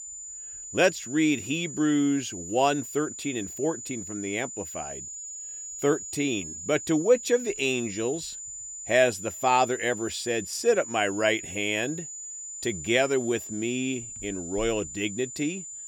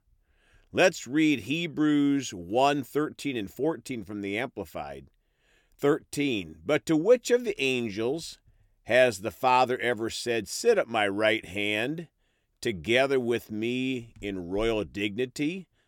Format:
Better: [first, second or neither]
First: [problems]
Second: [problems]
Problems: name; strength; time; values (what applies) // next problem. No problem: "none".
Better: second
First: high-pitched whine; loud; throughout; 7 kHz, 9 dB below the speech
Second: none